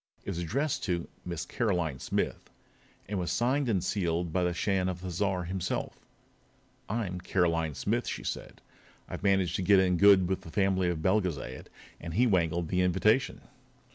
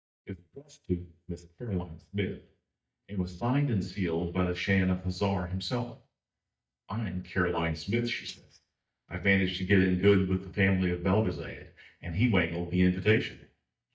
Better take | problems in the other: first | noise reduction (neural mask model DeepFilterNet 3)

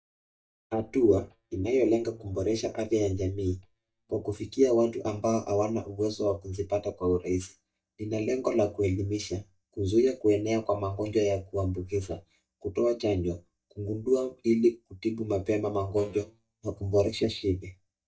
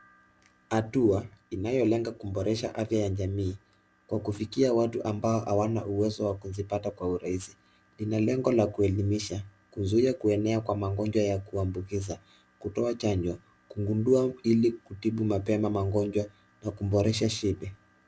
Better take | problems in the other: second | noise reduction (neural mask model DeepFilterNet 3)

